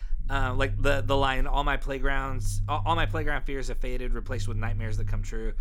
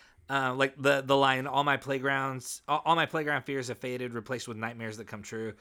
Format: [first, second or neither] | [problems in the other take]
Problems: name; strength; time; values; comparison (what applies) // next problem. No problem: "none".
second | low rumble; faint; throughout; 20 dB below the speech